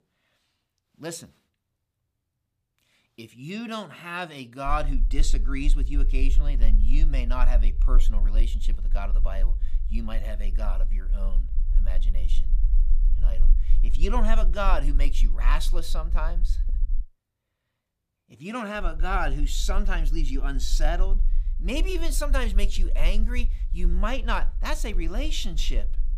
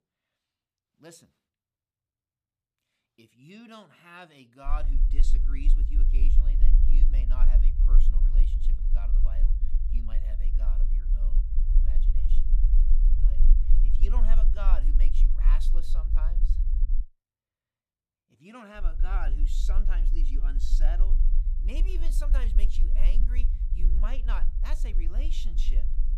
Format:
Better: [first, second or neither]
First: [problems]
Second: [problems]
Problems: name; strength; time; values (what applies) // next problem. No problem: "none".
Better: first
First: low rumble; faint; from 4.5 to 17 s and from 19 s on; 20 dB below the speech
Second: low rumble; loud; from 4.5 to 17 s and from 19 s on; 7 dB below the speech